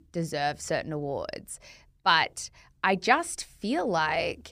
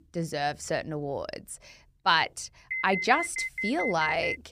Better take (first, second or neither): first